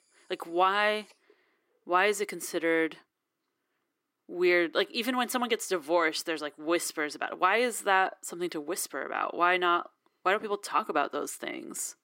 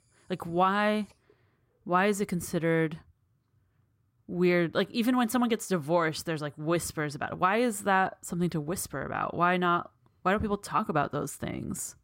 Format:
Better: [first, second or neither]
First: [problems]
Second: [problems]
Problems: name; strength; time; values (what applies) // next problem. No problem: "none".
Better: second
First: thin; somewhat; fading below 300 Hz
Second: none